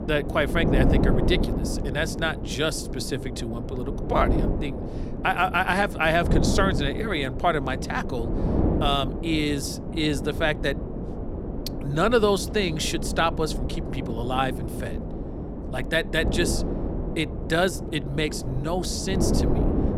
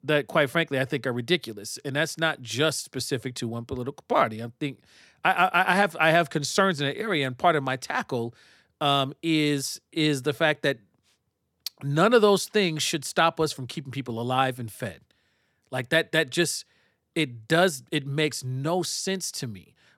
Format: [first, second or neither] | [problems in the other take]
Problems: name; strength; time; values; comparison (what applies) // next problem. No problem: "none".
second | wind noise on the microphone; heavy; 9 dB below the speech